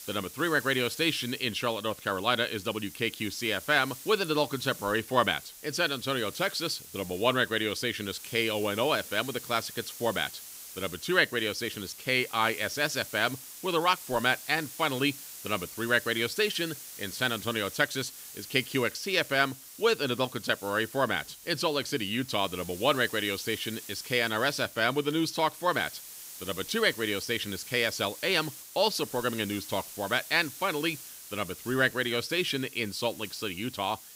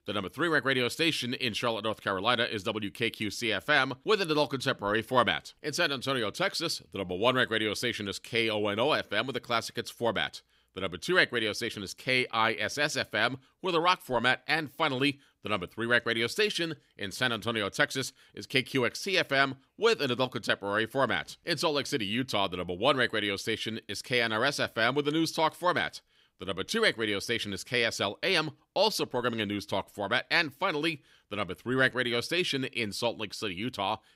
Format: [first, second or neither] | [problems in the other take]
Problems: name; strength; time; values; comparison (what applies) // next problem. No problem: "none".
second | hiss; noticeable; throughout; 15 dB below the speech